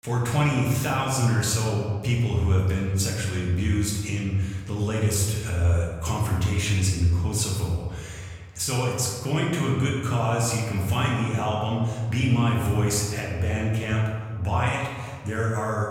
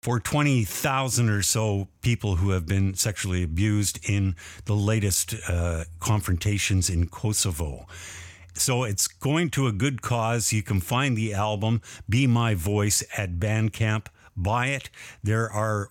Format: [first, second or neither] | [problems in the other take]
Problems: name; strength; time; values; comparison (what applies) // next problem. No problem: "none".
second | room echo; noticeable; dies away in 1.5 s // off-mic speech; far